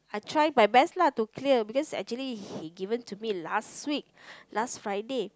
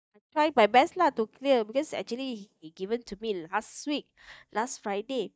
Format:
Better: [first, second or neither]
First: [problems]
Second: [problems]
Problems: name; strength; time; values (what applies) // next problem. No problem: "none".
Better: first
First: none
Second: noise reduction (neural mask model DeepFilterNet 3)